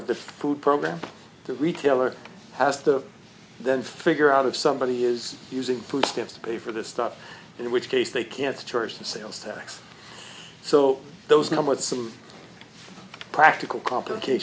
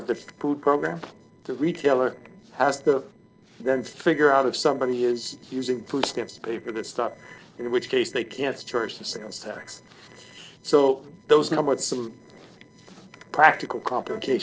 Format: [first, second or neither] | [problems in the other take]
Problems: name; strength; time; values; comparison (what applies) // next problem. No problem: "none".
first | noise reduction (neural separator model SepFormer DNS4)